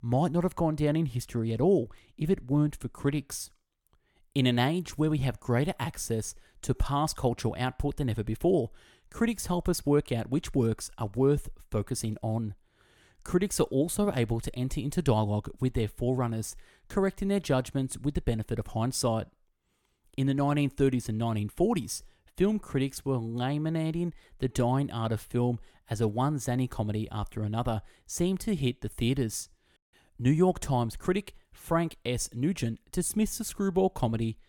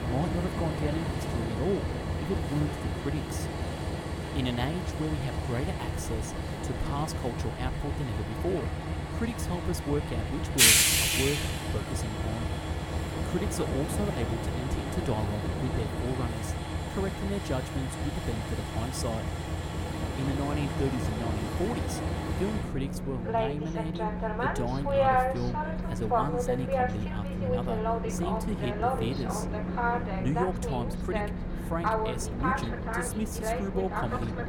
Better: first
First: none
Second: train or aircraft noise; very loud; throughout; 4 dB above the speech

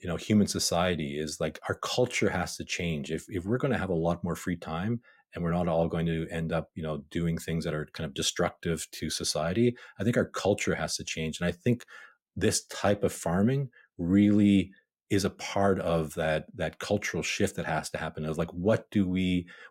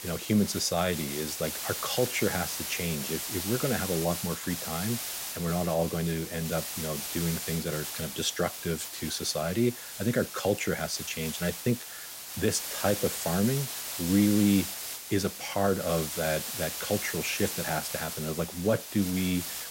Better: first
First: none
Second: hiss; loud; throughout; 5 dB below the speech

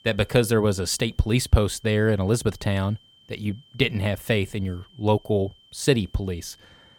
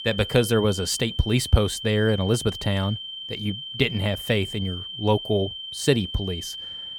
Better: first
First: high-pitched whine; faint; throughout; 3 kHz, 30 dB below the speech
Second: high-pitched whine; loud; throughout; 3 kHz, 8 dB below the speech

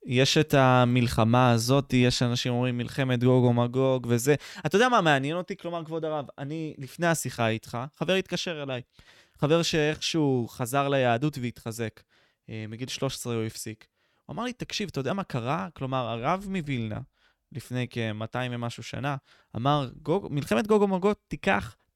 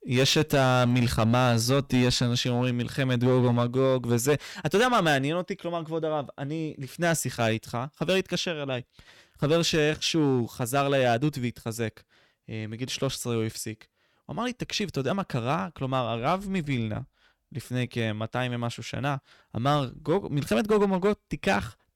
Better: first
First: none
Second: distortion; slight; 4% of the sound clipped

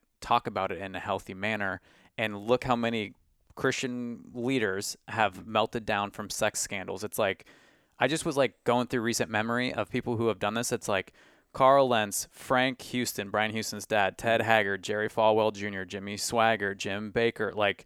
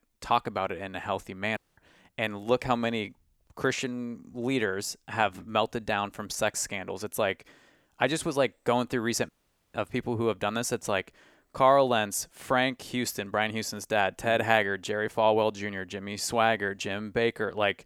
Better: first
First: none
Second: audio cutting out; at 1.5 s and at 9.5 s

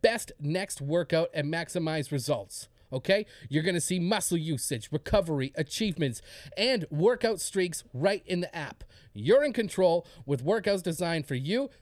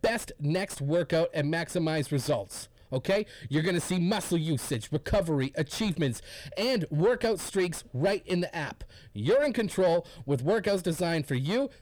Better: first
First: none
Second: distortion; slight; 9 dB below the speech

